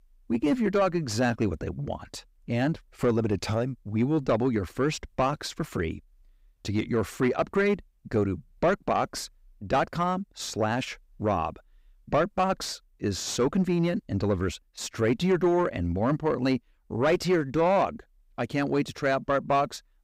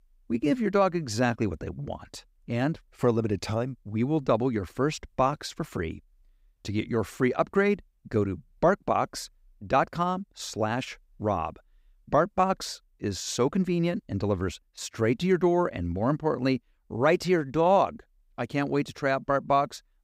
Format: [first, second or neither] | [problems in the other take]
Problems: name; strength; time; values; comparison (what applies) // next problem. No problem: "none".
second | distortion; slight; 10 dB below the speech